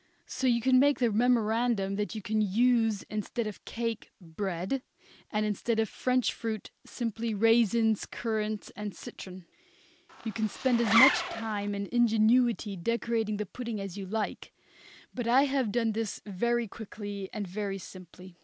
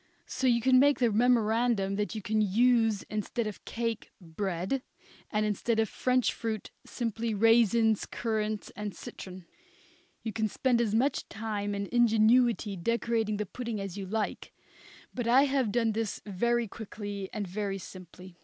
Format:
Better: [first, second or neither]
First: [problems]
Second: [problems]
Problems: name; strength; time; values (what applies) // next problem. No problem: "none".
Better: second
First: background sound (Zipper (clothing)); 1 dB below the speech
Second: none